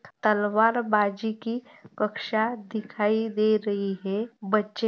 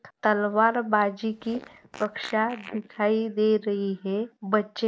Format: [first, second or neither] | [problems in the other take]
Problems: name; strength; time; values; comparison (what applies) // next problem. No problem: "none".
first | noise reduction (neural mask model DeepFilterNet 3)